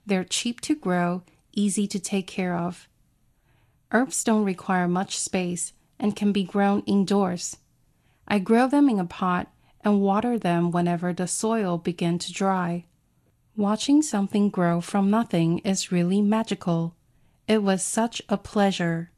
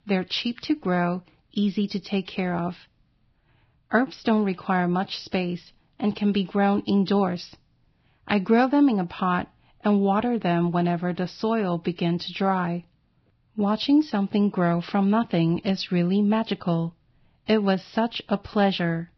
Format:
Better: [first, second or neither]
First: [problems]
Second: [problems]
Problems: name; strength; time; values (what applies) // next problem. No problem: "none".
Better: first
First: garbled, watery; slightly; nothing above 10.5 kHz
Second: garbled, watery; badly; nothing above 5.5 kHz